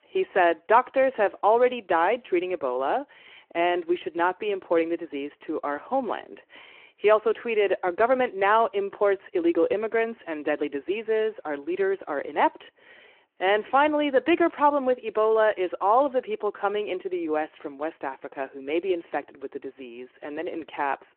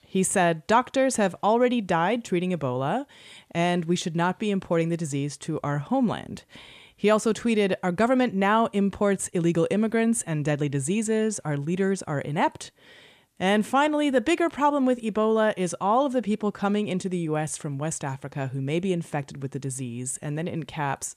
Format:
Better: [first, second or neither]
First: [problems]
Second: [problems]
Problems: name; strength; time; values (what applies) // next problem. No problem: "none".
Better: second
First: phone-call audio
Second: none